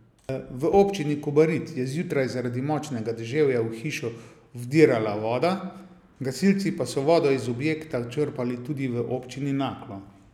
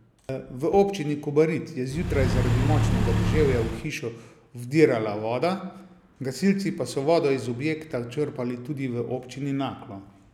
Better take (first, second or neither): first